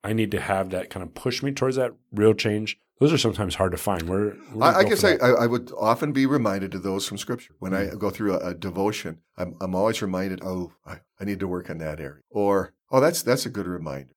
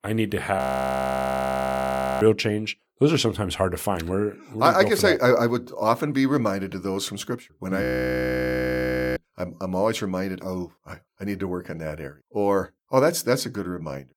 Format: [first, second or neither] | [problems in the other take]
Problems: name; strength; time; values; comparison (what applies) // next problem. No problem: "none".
first | audio freezing; at 0.5 s for 1.5 s and at 8 s for 1.5 s